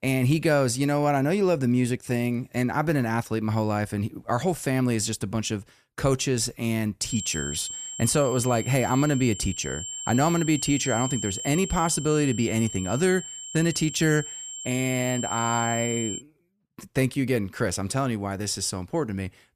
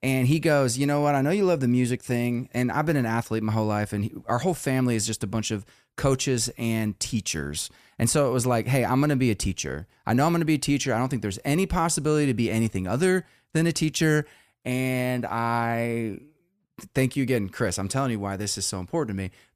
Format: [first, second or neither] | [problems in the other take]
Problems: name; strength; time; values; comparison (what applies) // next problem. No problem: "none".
second | high-pitched whine; loud; from 7 to 16 s; 7.5 kHz, 7 dB below the speech